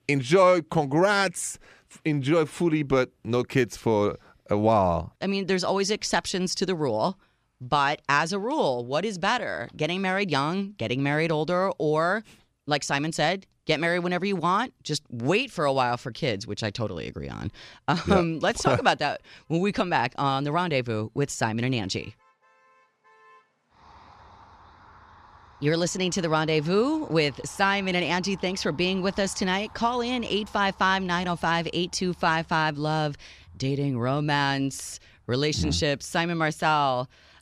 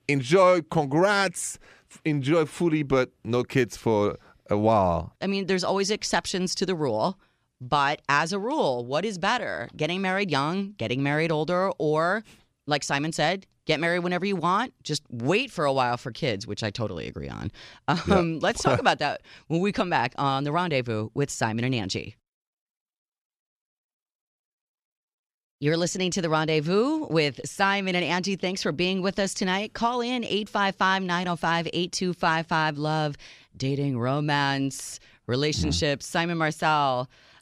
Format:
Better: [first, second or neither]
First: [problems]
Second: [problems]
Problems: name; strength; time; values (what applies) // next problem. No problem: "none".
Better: second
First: traffic noise; faint; throughout; 25 dB below the speech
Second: none